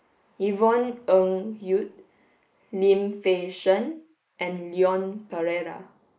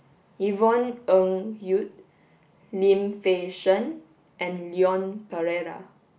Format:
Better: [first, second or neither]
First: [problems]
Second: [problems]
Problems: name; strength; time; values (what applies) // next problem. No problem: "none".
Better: second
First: noise reduction (neural mask model Resemble Enhance denoiser)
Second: none